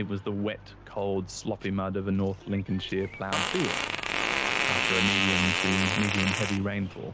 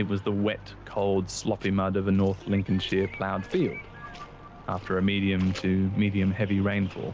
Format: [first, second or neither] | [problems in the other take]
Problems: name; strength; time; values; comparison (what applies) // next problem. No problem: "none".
second | background sound (Fart); 2 dB above the speech